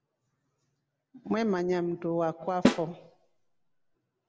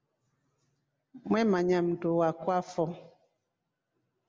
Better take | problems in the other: second | background sound (Snare drum); 2 dB above the speech

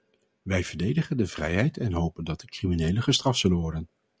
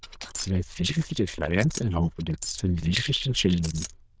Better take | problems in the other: first | noise reduction (neural diffusion model UNIVERSE++)

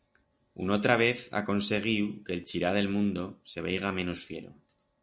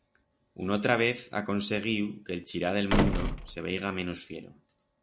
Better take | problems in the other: first | background sound (Slam); as loud as the speech

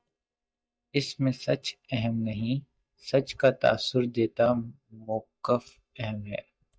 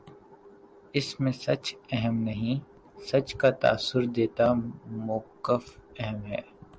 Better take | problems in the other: second | noise reduction (neural mask model DeepFilterNet 3)

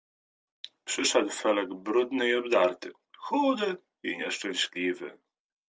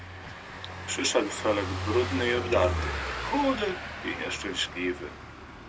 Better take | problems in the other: first | background sound (Car passing by / Engine); 5 dB below the speech

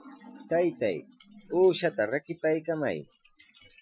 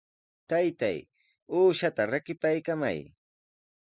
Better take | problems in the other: second | noise reduction (classical method Wiener filter)

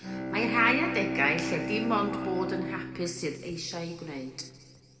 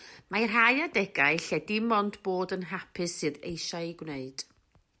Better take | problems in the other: second | background sound (Bowed string instrument); 4 dB below the speech // room echo; dies away in 1.6 s

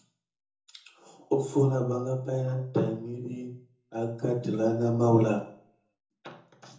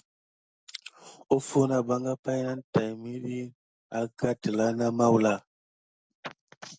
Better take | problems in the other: second | room echo; dies away in 0.6 s

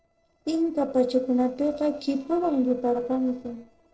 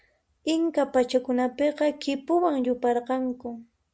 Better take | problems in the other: second | noise reduction (neural separator model SepFormer DNS4)

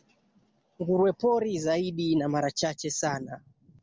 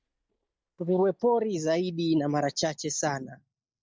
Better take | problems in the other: first | noise reduction (neural mask model DeepFilterNet 3)

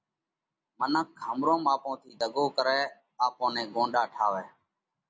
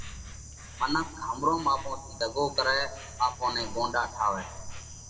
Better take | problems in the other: first | background sound (Insect); 11 dB below the speech // room echo; dies away in 1.3 s

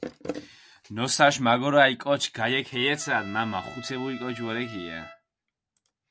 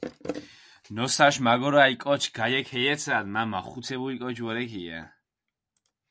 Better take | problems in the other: second | background sound (Trumpet); 17 dB below the speech

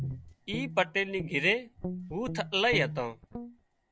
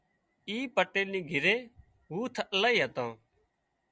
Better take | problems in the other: second | background sound (Guitar); 8 dB below the speech

